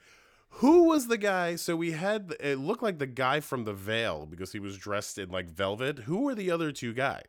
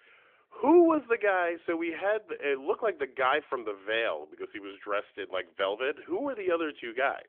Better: first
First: none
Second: phone-call audio; nothing above 3.5 kHz

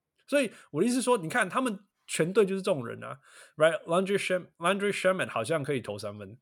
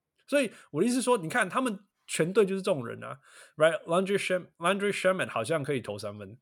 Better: neither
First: none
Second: none

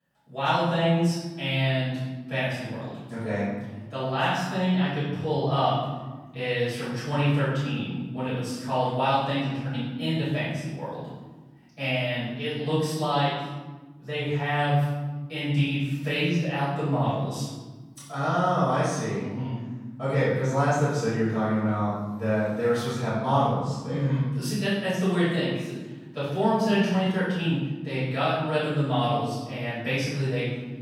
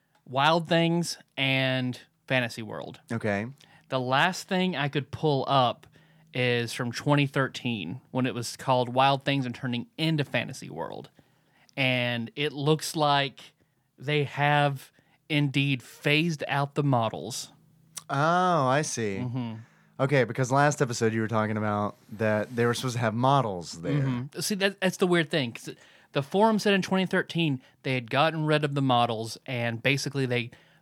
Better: second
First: room echo; strong; dies away in 1.4 s // off-mic speech; far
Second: none

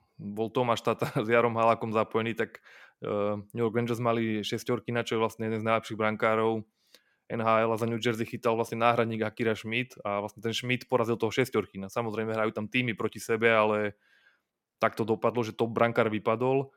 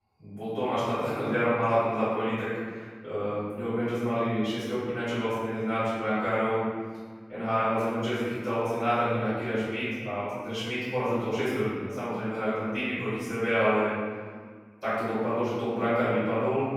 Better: first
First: none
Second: off-mic speech; far // room echo; strong; dies away in 1.6 s

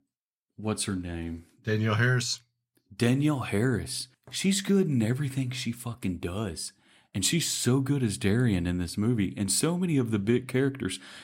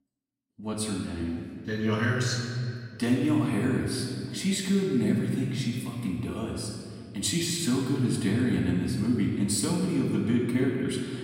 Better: first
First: none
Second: off-mic speech; far // room echo; noticeable; dies away in 2 s

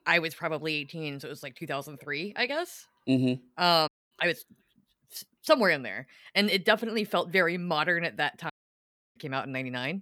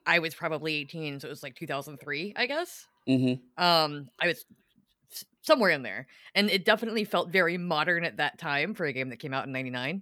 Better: second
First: audio cutting out; at 4 s and at 8.5 s for 0.5 s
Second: none

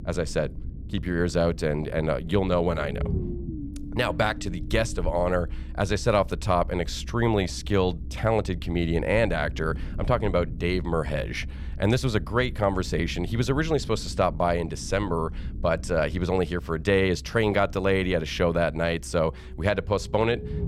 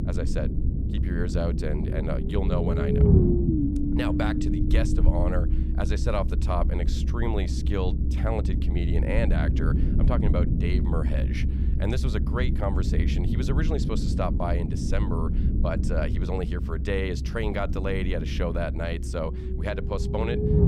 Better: first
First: low rumble; faint; throughout; 20 dB below the speech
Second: low rumble; loud; throughout; 3 dB below the speech

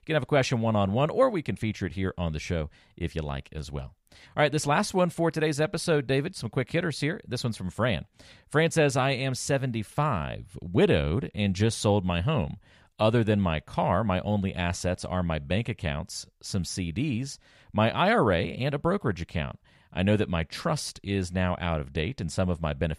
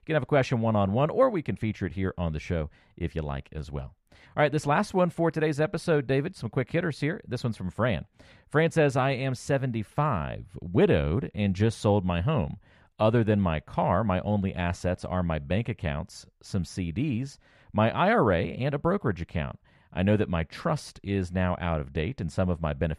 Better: first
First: none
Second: muffled; slightly; fading above 3 kHz

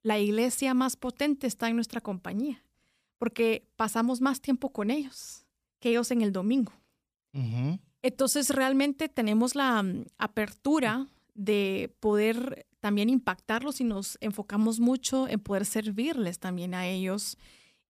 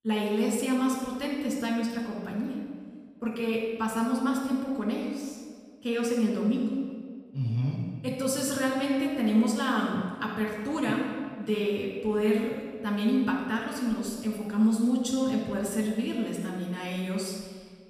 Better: first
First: none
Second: off-mic speech; far // room echo; noticeable; dies away in 1.5 s

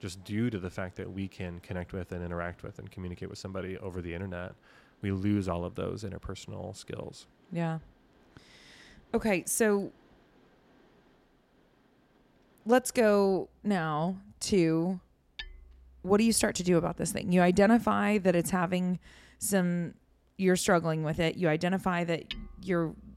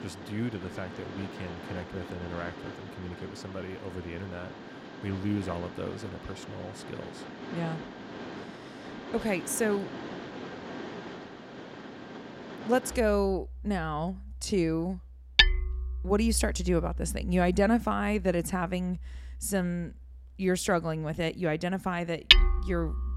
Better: first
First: machinery noise; faint; throughout; 25 dB below the speech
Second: machinery noise; loud; throughout; 2 dB below the speech

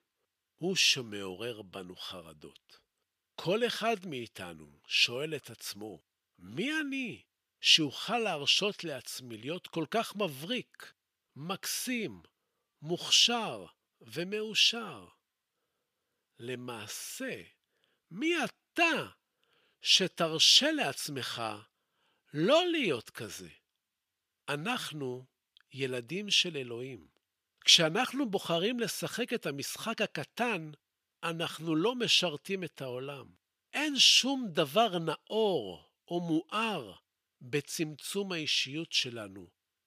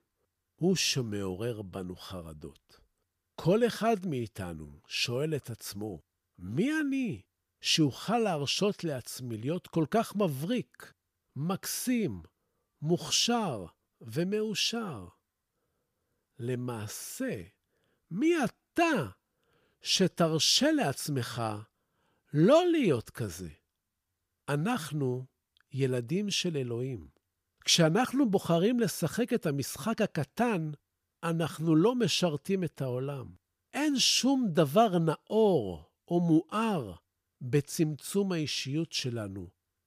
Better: second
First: thin; very slightly; fading below 350 Hz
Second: none

